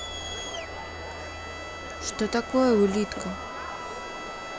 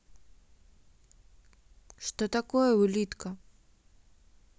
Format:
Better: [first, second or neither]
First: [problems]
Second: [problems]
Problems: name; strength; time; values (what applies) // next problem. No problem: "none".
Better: second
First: background sound (Bowed string instrument + Crowd); 6 dB below the speech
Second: none